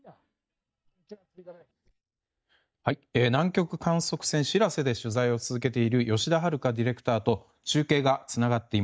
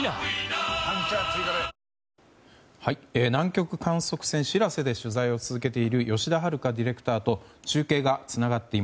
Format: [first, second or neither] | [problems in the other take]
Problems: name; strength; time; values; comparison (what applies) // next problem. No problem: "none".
second | noise reduction (neural mask model DeepFilterNet 3)